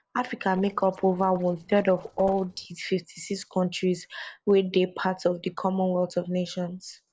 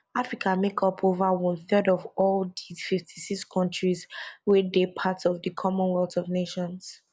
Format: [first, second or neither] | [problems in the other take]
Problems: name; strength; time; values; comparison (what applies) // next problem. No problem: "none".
second | noise reduction (neural separator model SepFormer DNS4)